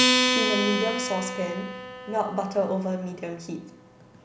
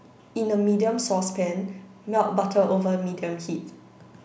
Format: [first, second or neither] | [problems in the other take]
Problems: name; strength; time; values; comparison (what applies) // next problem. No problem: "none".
second | background sound (Acoustic guitar); 1 dB above the speech